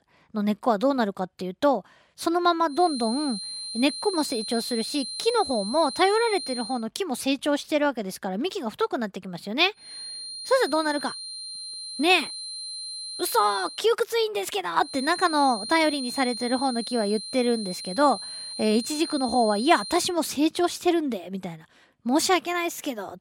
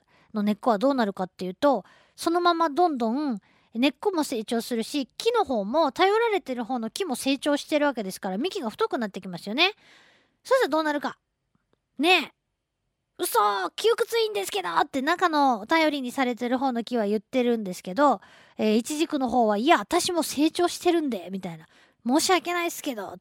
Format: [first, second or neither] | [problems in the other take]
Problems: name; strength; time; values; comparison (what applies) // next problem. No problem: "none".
second | high-pitched whine; loud; from 3 to 6.5 s, from 10 to 14 s and from 15 to 20 s; 4 kHz, 8 dB below the speech